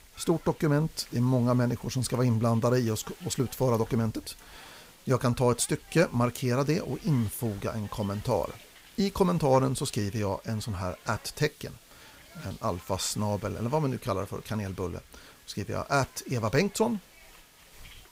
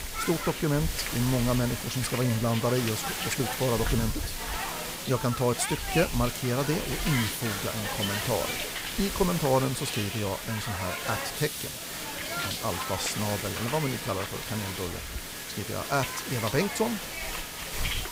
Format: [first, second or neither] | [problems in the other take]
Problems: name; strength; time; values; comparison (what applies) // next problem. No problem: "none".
first | hiss; loud; throughout; 2 dB below the speech; faint in the first